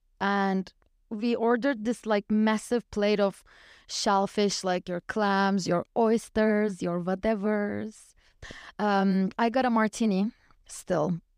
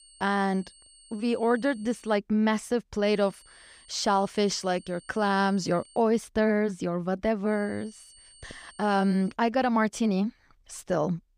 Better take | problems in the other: first | high-pitched whine; faint; until 2 s, from 3 to 6 s and from 7.5 to 9.5 s; 8.5 kHz, 25 dB below the speech

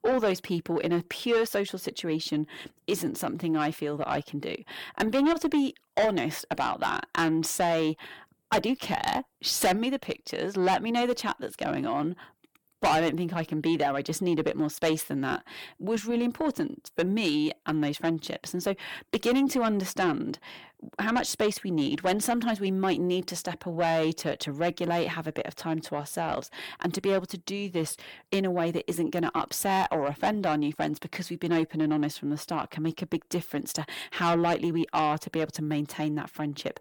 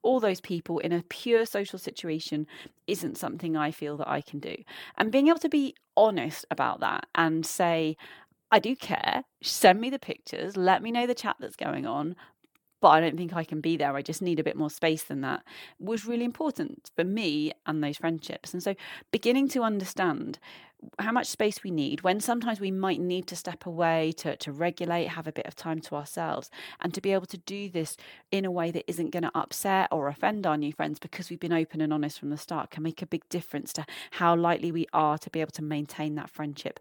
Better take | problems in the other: second | distortion; heavy; 8 dB below the speech

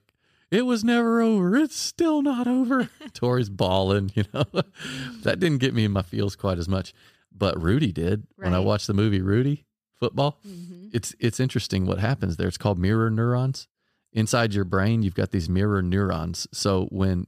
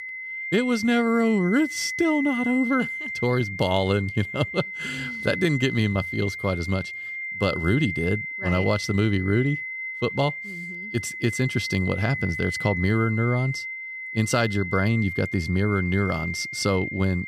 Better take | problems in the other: first | high-pitched whine; loud; throughout; 2 kHz, 6 dB below the speech

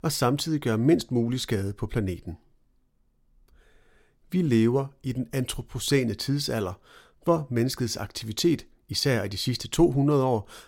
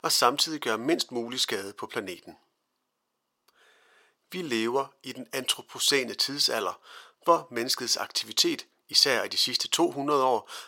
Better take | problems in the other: first | thin; very; fading below 500 Hz

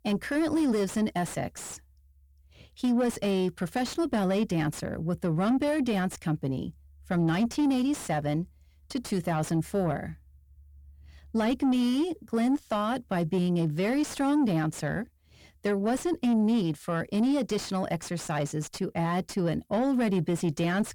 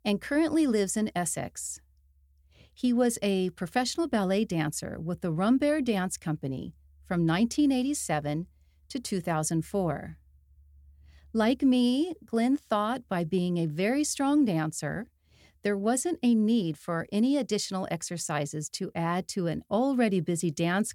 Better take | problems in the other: second | distortion; slight; 10 dB below the speech

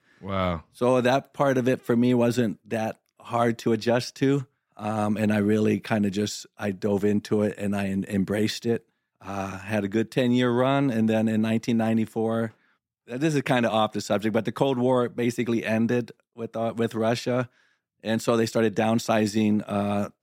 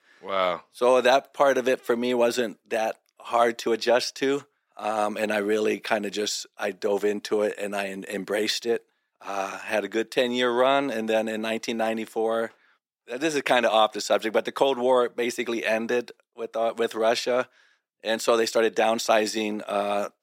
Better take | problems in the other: first | thin; somewhat; fading below 500 Hz

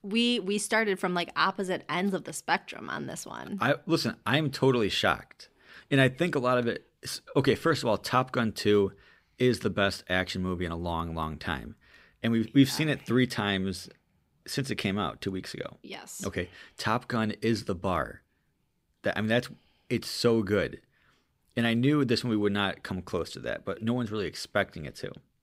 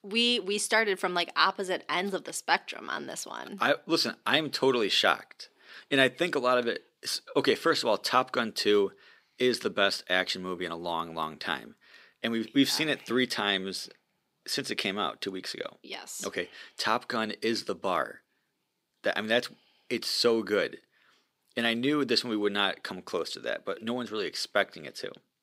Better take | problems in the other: first | thin; very slightly; fading below 300 Hz

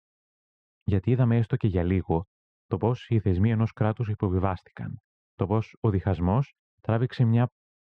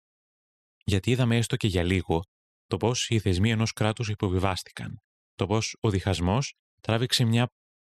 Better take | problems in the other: second | muffled; very; fading above 1 kHz

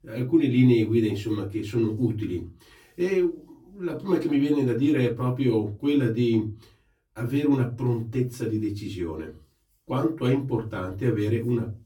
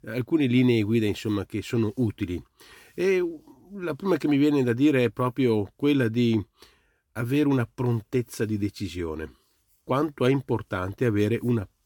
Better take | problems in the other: second | off-mic speech; far // room echo; very slight; dies away in 0.3 s

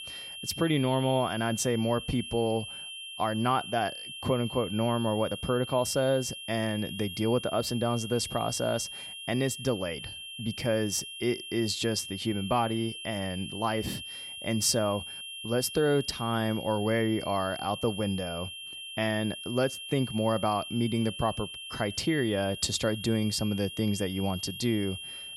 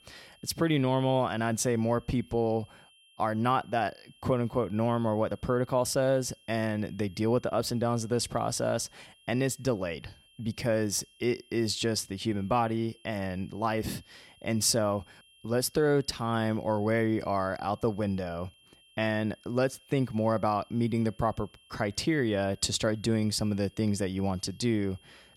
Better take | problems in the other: second | high-pitched whine; loud; throughout; 3 kHz, 9 dB below the speech; faint in the second

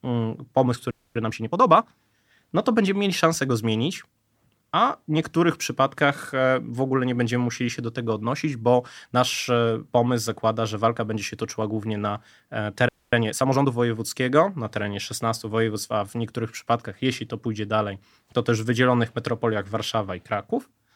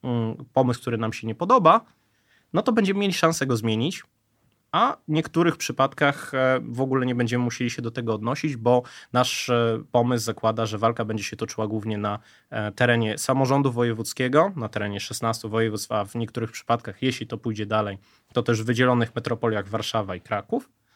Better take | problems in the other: second | audio freezing; at 1 s and at 13 s

